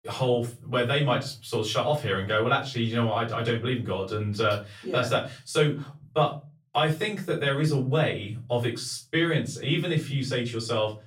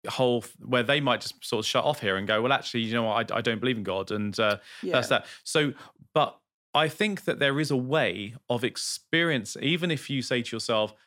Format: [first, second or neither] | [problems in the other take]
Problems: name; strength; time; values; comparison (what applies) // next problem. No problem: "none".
second | room echo; slight; dies away in 0.4 s // off-mic speech; far